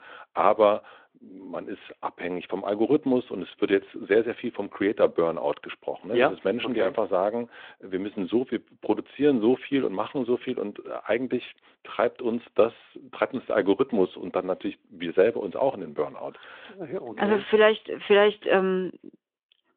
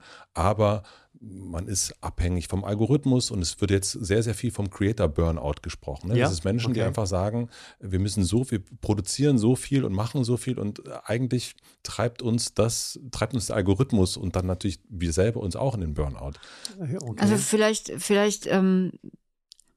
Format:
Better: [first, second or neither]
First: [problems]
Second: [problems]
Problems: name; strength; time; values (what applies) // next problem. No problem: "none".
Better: second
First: phone-call audio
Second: none